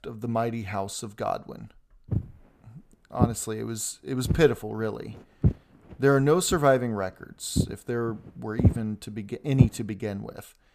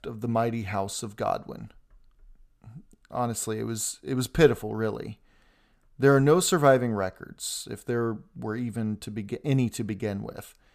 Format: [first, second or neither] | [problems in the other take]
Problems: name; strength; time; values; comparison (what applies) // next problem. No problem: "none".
second | footsteps; loud; from 2 to 9.5 s; peak 3 dB above the speech